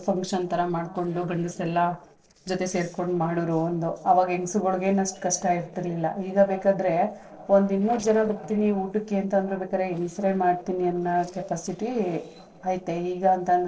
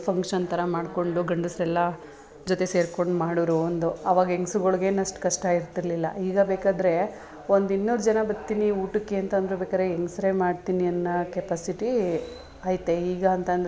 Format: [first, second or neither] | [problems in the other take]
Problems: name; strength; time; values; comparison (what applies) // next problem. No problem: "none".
second | noise reduction (neural separator model SepFormer DNS4)